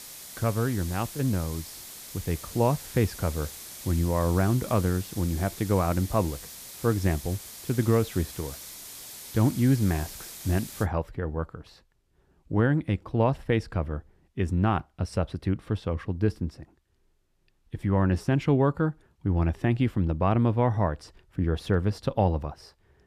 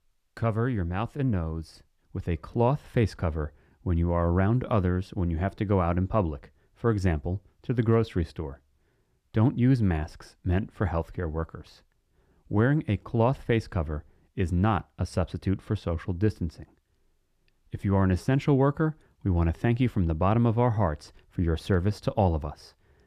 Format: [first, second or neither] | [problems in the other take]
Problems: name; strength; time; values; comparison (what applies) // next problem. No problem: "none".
second | hiss; noticeable; until 11 s; 15 dB below the speech